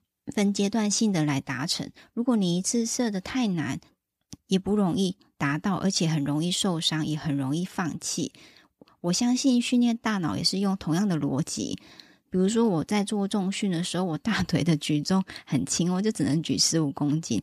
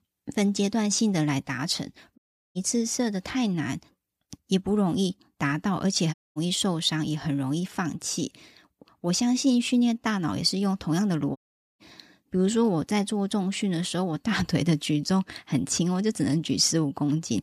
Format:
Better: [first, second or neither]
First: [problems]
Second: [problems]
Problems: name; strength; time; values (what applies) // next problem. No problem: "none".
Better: first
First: none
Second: audio cutting out; at 2 s, at 6 s and at 11 s